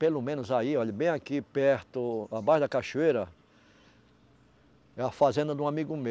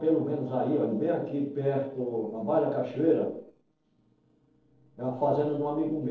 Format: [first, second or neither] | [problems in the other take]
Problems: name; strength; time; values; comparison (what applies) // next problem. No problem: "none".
first | noise reduction (neural separator model SepFormer DNS4)